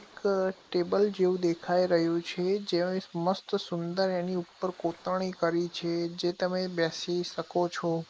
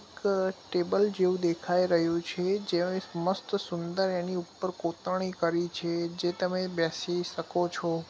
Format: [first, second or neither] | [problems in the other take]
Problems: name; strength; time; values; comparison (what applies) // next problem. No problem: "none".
second | noise reduction (neural mask model Resemble Enhance denoiser)